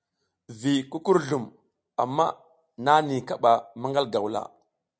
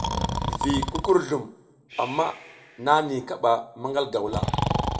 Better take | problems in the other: first | background sound (Breathing); 4 dB below the speech // room echo; dies away in 0.6 s

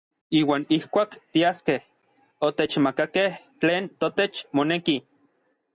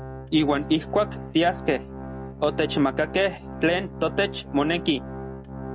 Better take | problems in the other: first | background sound (Organ); 10 dB below the speech

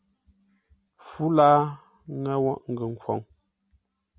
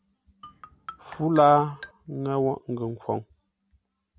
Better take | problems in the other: first | background sound (Marimba, xylophone); 18 dB below the speech

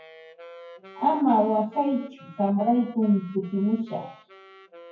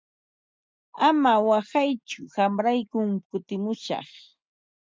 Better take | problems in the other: second | noise reduction (classical method WPE with log-MMSE)

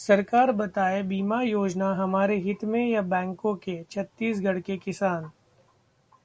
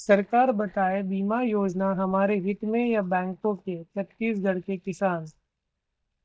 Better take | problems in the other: first | noise reduction (neural mask model DeepFilterNet 3)

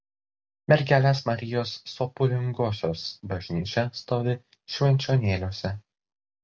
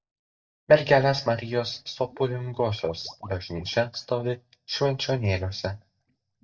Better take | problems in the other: first | noise reduction (neural mask model DeepFilterNet 3)

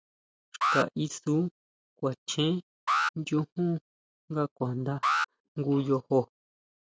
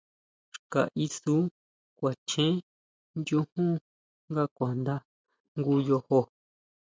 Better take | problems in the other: second | background sound (Alarm); 3 dB below the speech

